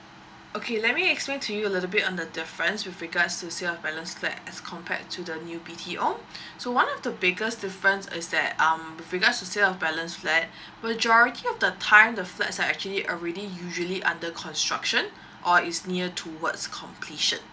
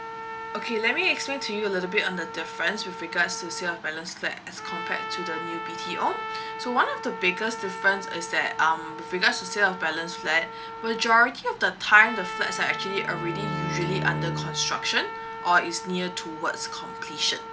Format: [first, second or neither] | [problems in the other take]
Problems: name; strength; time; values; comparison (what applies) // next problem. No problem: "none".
first | background sound (Trumpet + Bowed string instrument); 8 dB below the speech